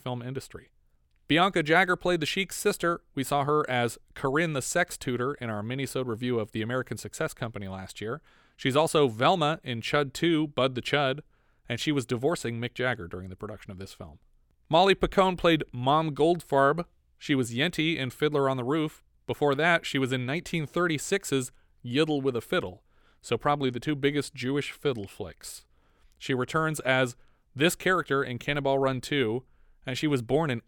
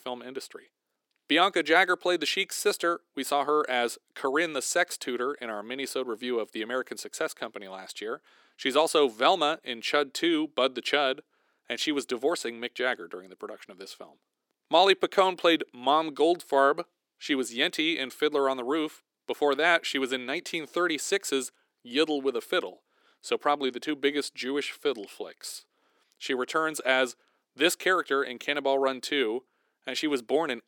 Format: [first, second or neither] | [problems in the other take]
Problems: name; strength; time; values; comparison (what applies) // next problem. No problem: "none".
first | thin; very slightly; fading below 300 Hz